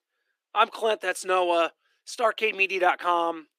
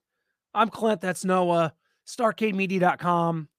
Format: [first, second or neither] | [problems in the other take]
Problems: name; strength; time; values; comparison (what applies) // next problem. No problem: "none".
second | thin; very; fading below 300 Hz